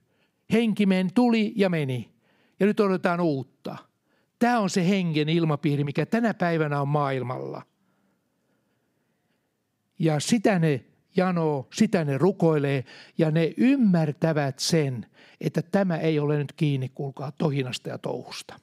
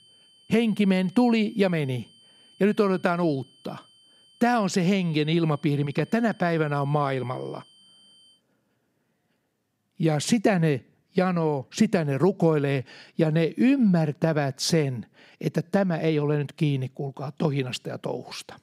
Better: first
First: none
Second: high-pitched whine; faint; until 8.5 s; 3 kHz, 30 dB below the speech

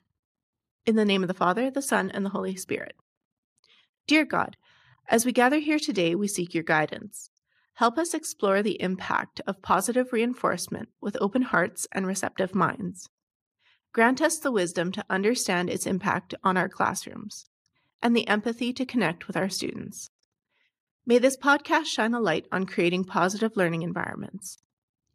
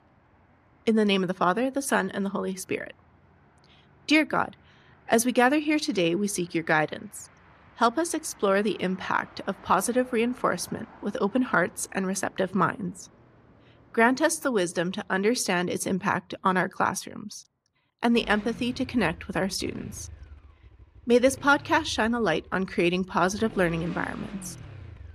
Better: first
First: none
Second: traffic noise; faint; throughout; 20 dB below the speech

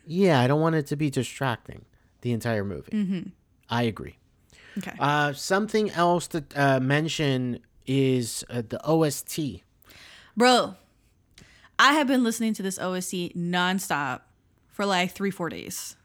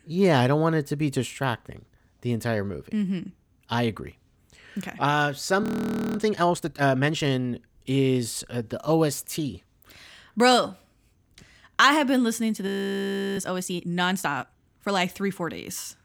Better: first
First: none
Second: audio freezing; at 5.5 s for 0.5 s and at 13 s for 0.5 s

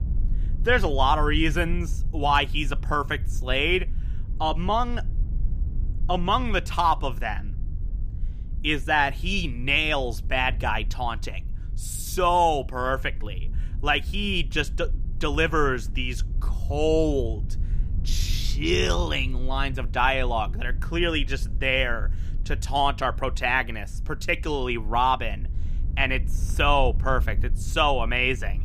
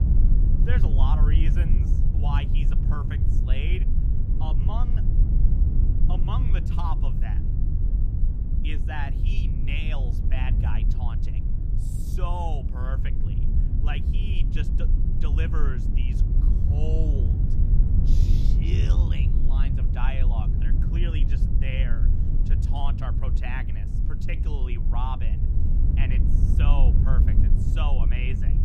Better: first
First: low rumble; faint; throughout; 25 dB below the speech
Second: low rumble; loud; throughout; 3 dB below the speech

